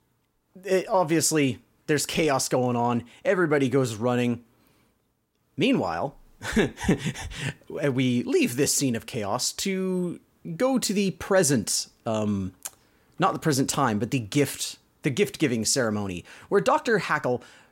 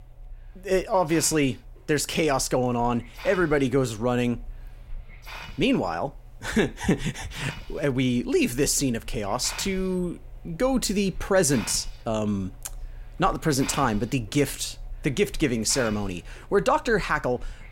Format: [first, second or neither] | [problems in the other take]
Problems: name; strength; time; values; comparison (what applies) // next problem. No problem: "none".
first | hiss; noticeable; throughout; 20 dB below the speech